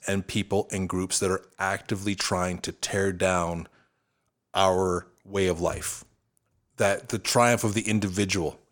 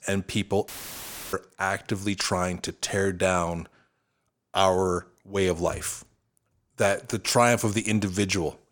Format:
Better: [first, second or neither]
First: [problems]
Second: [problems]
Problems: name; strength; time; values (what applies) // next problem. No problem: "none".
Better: first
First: none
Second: audio cutting out; filled with static; at 0.5 s for 0.5 s